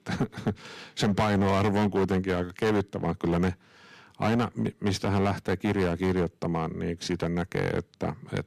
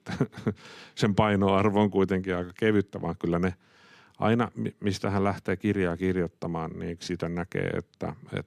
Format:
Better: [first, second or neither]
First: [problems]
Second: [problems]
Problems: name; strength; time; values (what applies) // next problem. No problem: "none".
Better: second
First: distortion; heavy; 9% of the sound clipped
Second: none